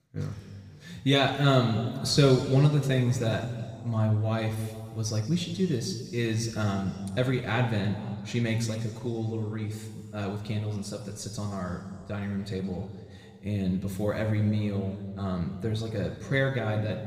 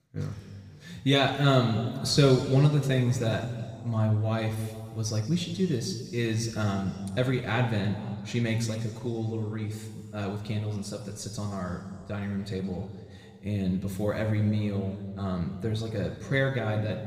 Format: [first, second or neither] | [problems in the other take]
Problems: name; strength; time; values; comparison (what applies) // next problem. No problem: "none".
neither | room echo; noticeable; dies away in 1.9 s; the same in both // off-mic speech; somewhat distant; the same in both